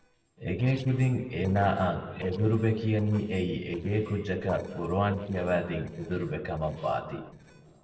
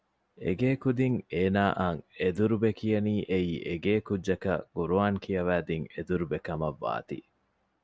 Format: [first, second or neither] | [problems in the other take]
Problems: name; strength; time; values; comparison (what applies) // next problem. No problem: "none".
second | noise reduction (neural separator model SepFormer DNS4)